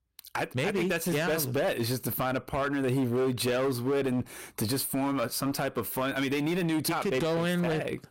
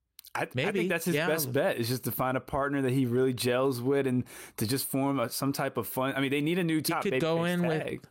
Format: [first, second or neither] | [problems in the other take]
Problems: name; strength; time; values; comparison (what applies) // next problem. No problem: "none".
second | distortion; slight; 16% of the sound clipped